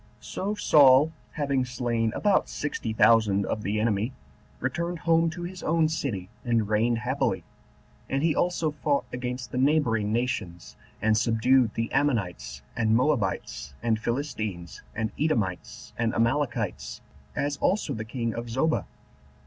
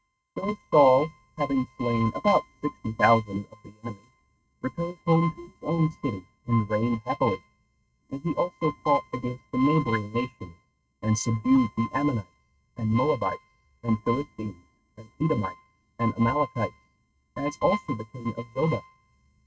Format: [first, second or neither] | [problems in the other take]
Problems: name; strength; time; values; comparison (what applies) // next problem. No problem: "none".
first | noise reduction (neural mask model RNNoise)